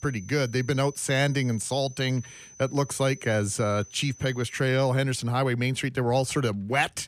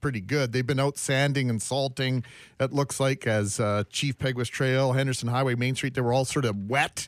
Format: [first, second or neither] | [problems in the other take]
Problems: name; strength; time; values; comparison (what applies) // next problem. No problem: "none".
second | high-pitched whine; faint; until 4.5 s; 6 kHz, 20 dB below the speech